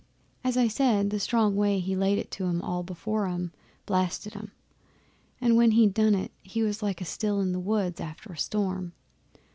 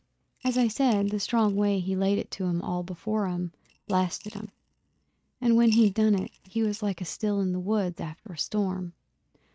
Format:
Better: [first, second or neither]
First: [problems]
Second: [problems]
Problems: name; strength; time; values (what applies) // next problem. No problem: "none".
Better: first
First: none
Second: noise reduction (neural mask model RNNoise)